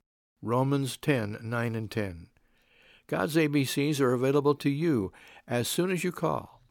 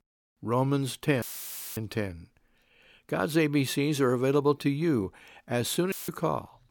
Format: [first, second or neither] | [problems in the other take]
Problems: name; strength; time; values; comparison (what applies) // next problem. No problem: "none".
first | audio cutting out; filled with static; at 1 s for 0.5 s and at 6 s